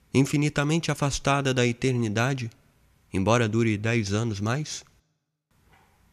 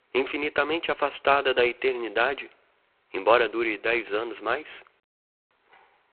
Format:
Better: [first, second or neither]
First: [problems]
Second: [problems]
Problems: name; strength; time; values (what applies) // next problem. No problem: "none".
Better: first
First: none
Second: phone-call audio; poor line